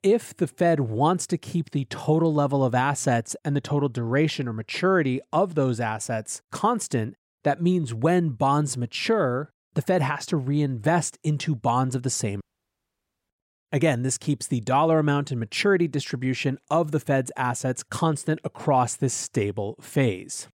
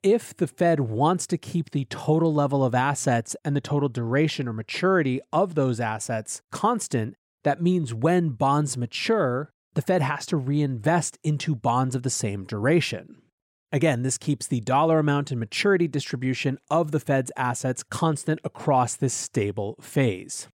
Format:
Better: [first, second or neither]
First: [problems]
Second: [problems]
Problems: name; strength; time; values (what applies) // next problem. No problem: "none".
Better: second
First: audio cutting out; at 12 s for 1 s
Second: none